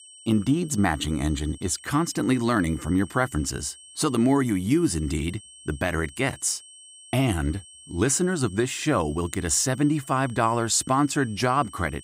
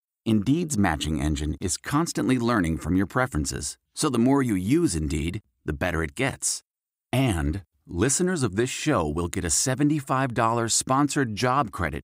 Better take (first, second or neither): second